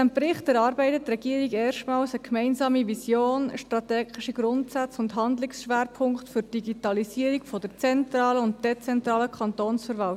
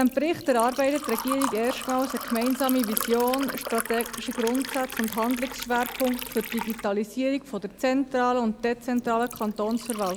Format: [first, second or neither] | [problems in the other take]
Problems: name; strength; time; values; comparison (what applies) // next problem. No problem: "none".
first | background sound (Liquid); 10 dB below the speech